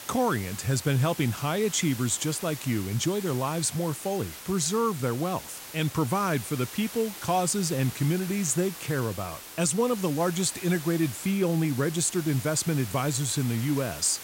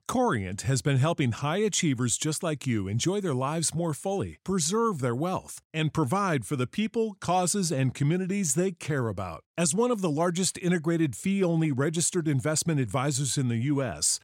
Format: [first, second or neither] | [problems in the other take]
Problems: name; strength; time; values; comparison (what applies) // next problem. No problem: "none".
second | hiss; noticeable; throughout; 10 dB below the speech